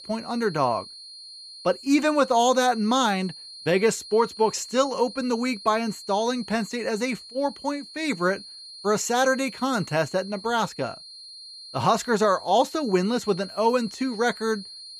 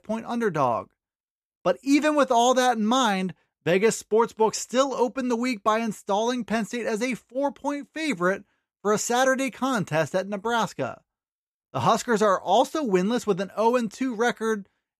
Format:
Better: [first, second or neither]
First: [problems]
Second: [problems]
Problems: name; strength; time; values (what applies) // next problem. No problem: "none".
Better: second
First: high-pitched whine; noticeable; throughout; 4 kHz, 15 dB below the speech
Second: none